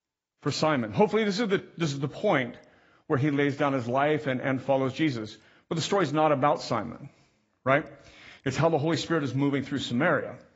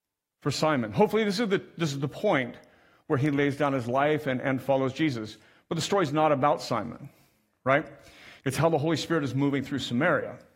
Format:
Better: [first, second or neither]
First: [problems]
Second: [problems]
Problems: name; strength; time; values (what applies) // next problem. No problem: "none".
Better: second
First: garbled, watery; badly; nothing above 7.5 kHz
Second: garbled, watery; slightly; nothing above 15.5 kHz